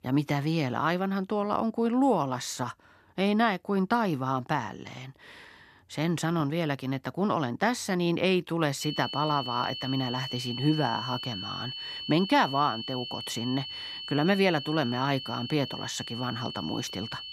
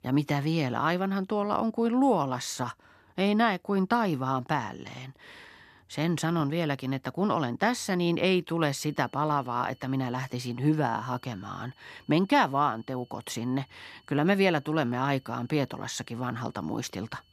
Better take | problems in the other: second | high-pitched whine; loud; from 9 s on; 3 kHz, 7 dB below the speech; faint in the second

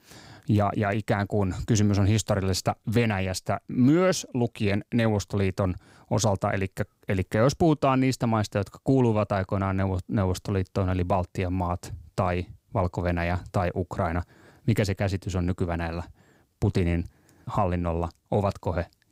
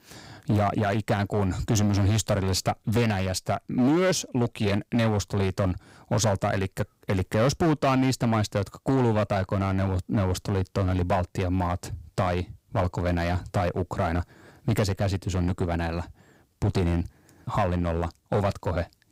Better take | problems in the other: first | distortion; slight; 8% of the sound clipped

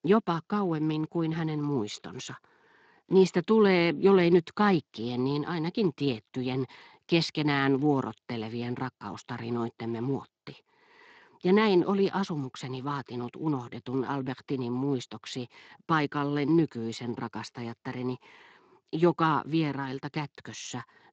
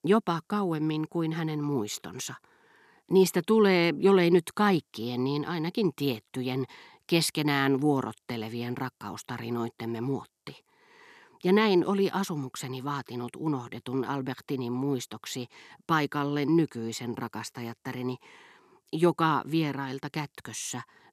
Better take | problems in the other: second | garbled, watery; slightly; nothing above 7.5 kHz

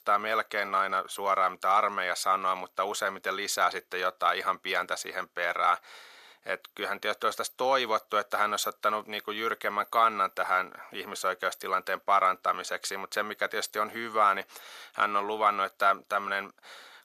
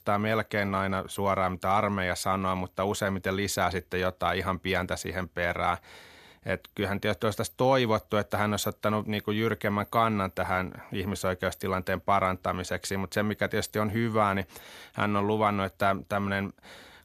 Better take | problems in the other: second | thin; very; fading below 500 Hz

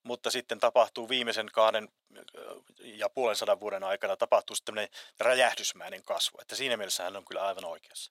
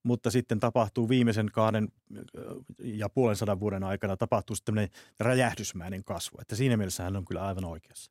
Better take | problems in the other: second | thin; very; fading below 750 Hz

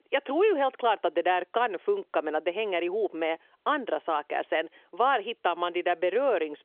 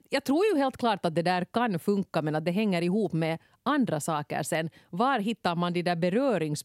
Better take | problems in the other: second | phone-call audio; nothing above 3.5 kHz

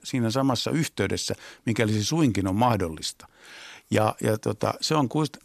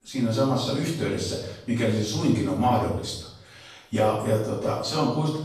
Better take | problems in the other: first | off-mic speech; far // room echo; noticeable; dies away in 0.8 s

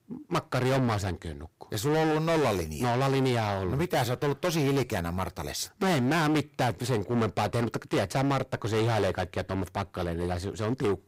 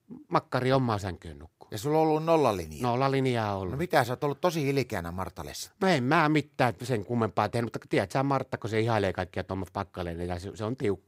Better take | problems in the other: second | distortion; heavy; 18% of the sound clipped

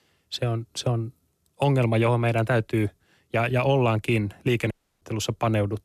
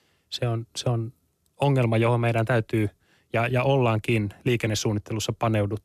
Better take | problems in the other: second | audio cutting out; at 4.5 s

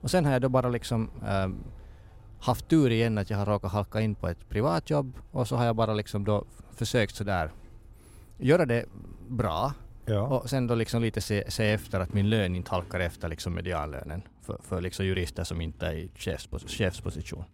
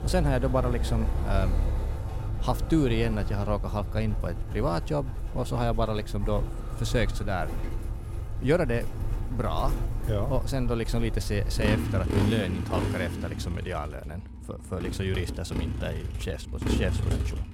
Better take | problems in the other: first | traffic noise; loud; throughout; 2 dB below the speech; faint in the first

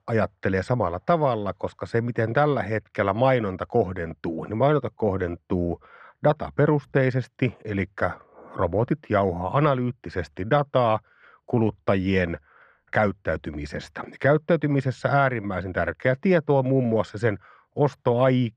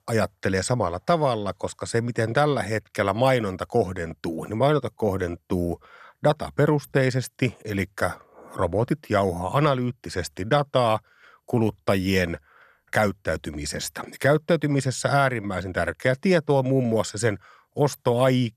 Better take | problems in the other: second | muffled; slightly; fading above 2.5 kHz

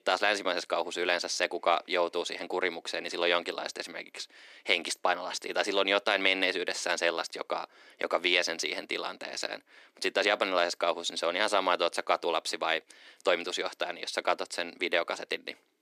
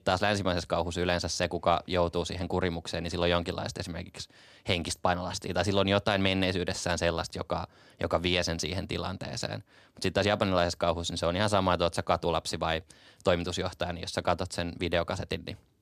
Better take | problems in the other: second | thin; somewhat; fading below 350 Hz

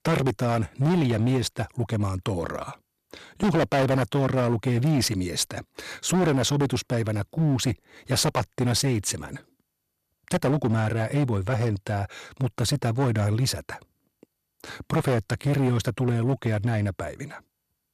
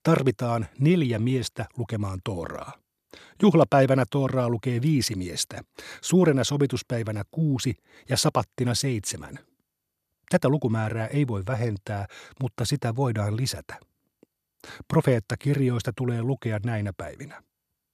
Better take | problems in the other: second | distortion; heavy; 13% of the sound clipped

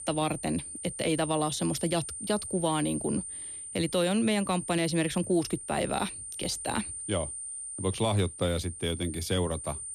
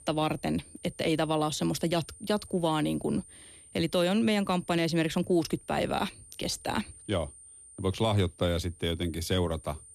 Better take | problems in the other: second | high-pitched whine; loud; throughout; 9 kHz, 7 dB below the speech; faint in the second

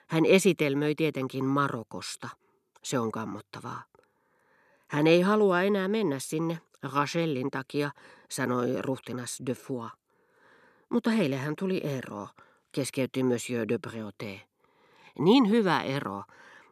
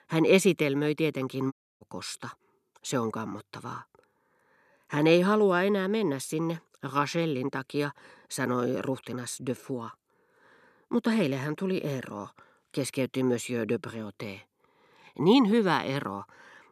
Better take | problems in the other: first | audio cutting out; at 1.5 s

